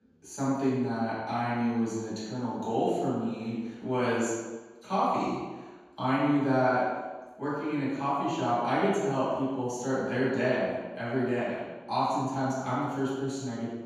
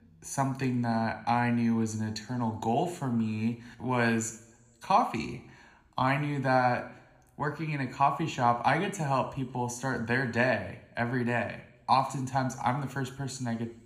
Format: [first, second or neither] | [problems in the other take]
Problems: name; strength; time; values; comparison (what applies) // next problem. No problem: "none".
second | room echo; strong; dies away in 1.2 s; slight in the second // off-mic speech; far